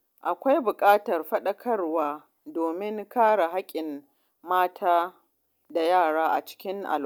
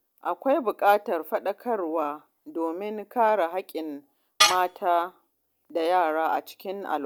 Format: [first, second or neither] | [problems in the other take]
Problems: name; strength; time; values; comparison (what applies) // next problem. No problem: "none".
first | background sound (Tools); 2 dB above the speech